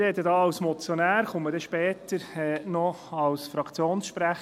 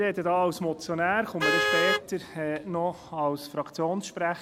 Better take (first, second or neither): first